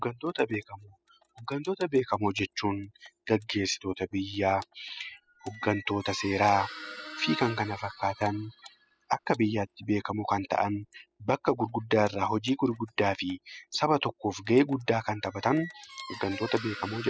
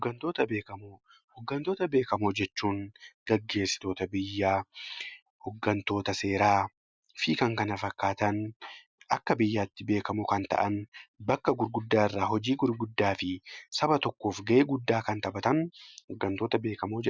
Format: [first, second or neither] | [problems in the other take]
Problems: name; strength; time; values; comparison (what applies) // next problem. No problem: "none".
second | noise reduction (classical method spectral subtraction)